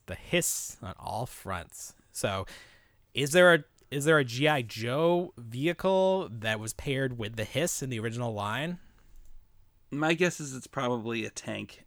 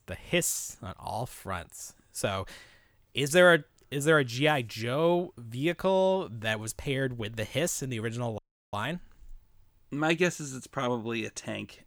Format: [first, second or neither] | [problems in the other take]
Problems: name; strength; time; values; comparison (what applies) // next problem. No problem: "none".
first | audio freezing; at 8.5 s